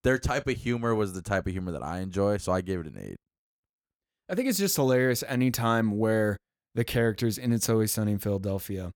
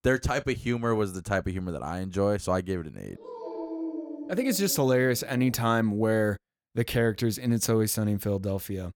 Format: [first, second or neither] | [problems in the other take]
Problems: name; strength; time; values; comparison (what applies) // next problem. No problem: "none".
first | dog barking; noticeable; from 3 to 5.5 s; peak 7 dB below the speech